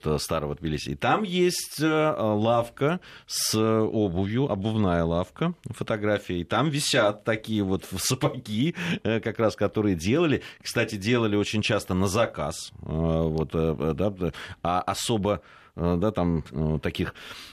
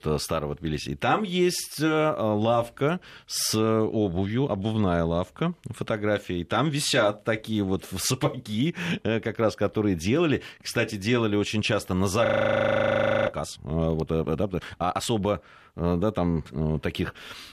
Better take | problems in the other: first | audio freezing; at 12 s for 1 s

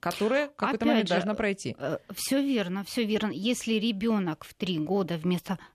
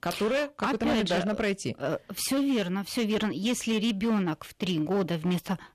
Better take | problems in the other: first | distortion; slight; 11% of the sound clipped

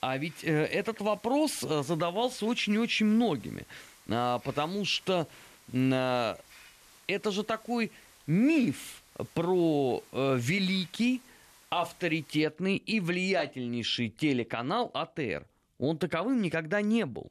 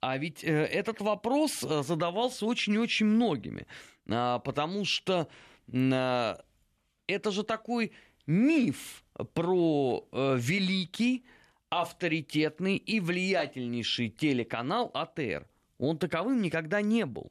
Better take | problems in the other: second | hiss; faint; until 12 s; 25 dB below the speech

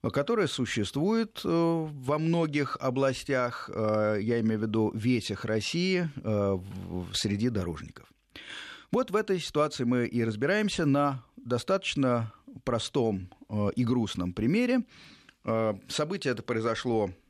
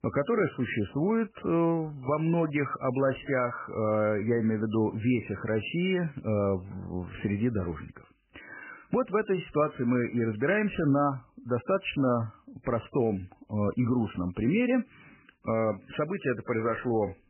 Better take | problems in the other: first | garbled, watery; badly; nothing above 3 kHz

